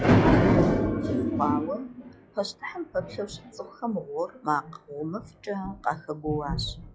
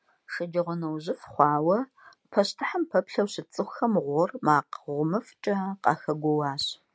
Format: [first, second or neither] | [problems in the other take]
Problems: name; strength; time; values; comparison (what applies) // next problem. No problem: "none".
second | noise reduction (classical method log-MMSE)